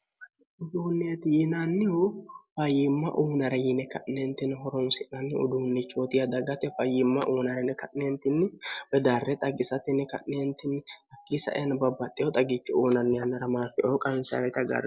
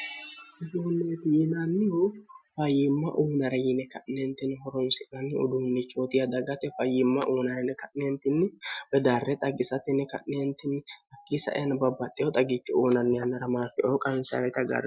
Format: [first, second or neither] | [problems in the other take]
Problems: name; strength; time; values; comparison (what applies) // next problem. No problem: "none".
first | noise reduction (classical method Wiener filter)